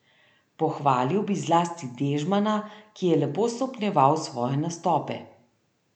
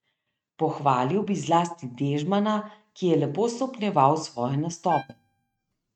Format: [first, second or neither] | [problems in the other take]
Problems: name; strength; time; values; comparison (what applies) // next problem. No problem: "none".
first | noise reduction (neural mask model RNNoise)